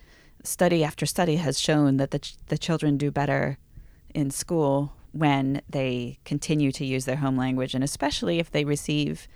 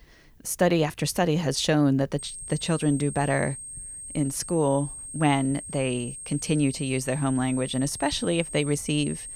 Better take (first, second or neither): first